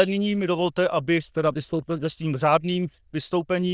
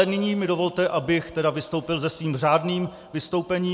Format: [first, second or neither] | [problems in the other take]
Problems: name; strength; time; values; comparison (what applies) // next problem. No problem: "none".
second | noise reduction (neural diffusion model UNIVERSE++)